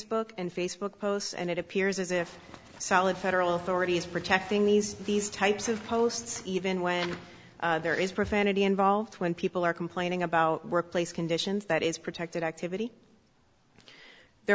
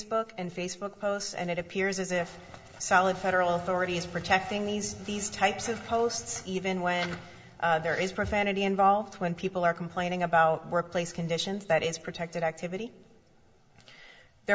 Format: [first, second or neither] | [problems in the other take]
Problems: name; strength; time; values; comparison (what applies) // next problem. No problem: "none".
first | room echo; dies away in 0.5 s